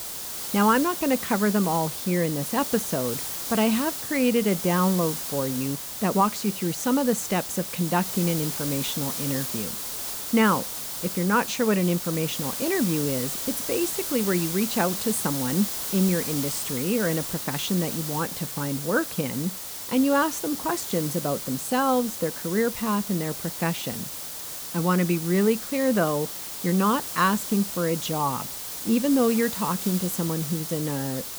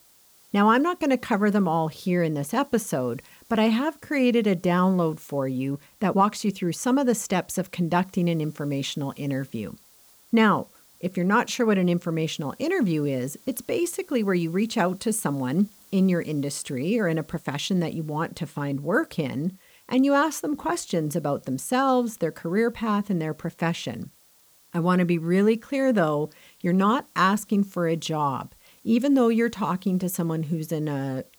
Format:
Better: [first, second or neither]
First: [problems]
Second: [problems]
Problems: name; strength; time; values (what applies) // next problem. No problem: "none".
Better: second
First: hiss; loud; throughout; 5 dB below the speech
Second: hiss; faint; throughout; 30 dB below the speech